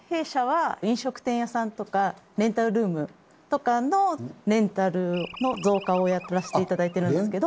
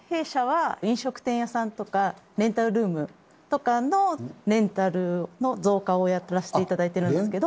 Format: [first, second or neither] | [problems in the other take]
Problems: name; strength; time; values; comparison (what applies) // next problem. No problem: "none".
second | background sound (Animal); 18 dB below the speech